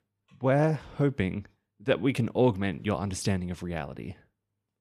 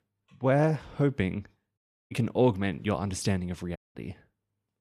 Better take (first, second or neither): first